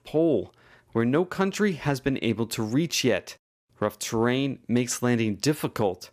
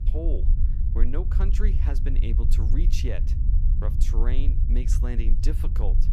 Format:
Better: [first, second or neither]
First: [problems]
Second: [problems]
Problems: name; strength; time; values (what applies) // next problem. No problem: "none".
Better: first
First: none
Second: low rumble; loud; throughout; 5 dB below the speech